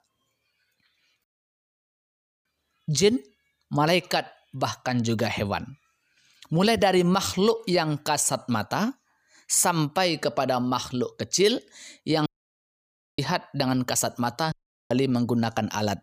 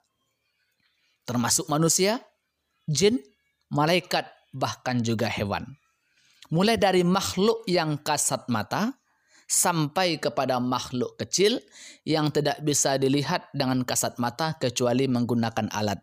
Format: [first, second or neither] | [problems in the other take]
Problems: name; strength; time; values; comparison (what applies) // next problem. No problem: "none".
second | audio cutting out; at 1 s for 1 s, at 12 s for 1 s and at 15 s